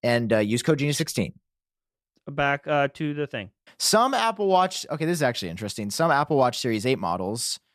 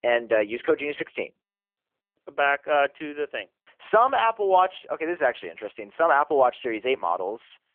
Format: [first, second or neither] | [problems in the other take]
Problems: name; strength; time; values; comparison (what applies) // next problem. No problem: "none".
first | phone-call audio; poor line; nothing above 3.5 kHz